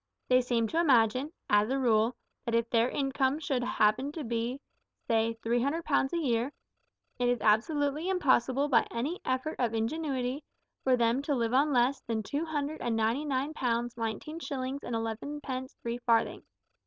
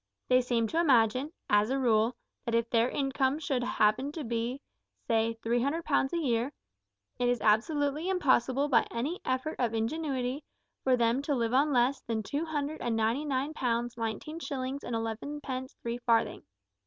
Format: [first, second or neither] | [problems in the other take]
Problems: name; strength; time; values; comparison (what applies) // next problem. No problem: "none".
second | noise reduction (neural separator model SepFormer DNS4)